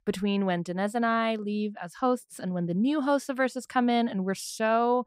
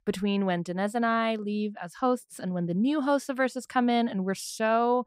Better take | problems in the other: neither | none

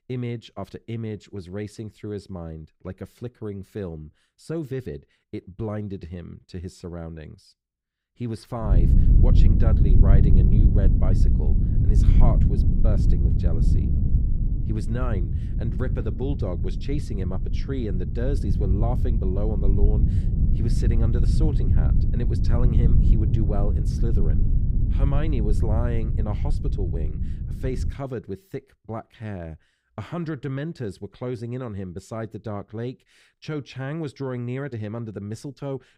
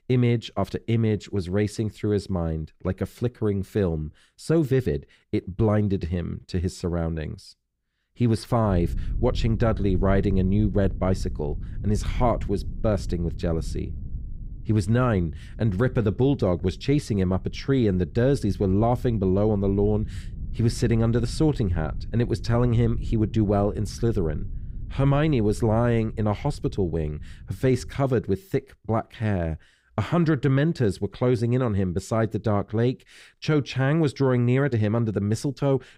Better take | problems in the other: second | low rumble; loud; from 8.5 to 28 s; 2 dB below the speech; faint in the second

